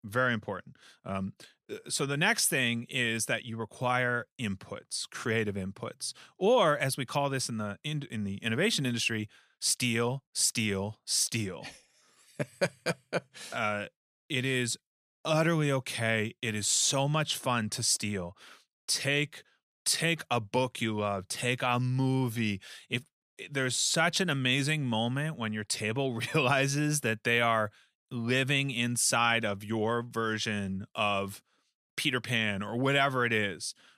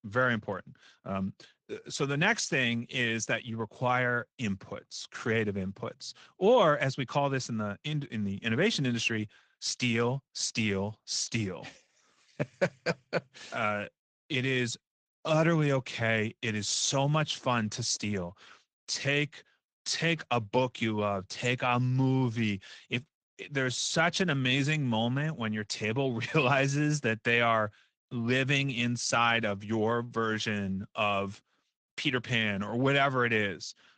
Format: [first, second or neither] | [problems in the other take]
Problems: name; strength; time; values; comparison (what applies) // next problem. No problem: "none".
first | garbled, watery; slightly